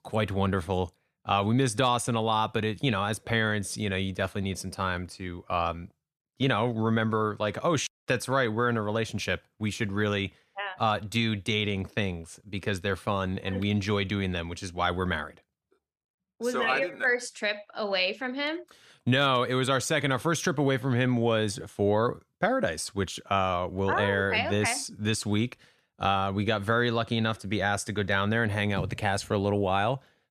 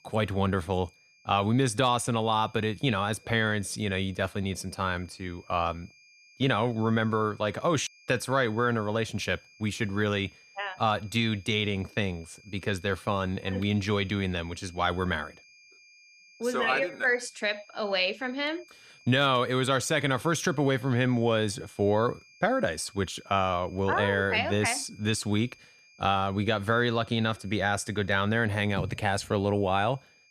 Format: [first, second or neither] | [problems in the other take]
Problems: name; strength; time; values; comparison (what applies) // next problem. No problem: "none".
first | high-pitched whine; faint; throughout; 2.5 kHz, 25 dB below the speech